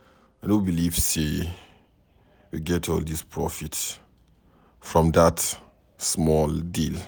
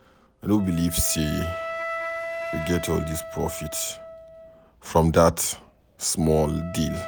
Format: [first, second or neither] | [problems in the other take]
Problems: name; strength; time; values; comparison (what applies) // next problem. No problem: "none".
first | background sound (Wind instrument, woodwind instrument); 10 dB below the speech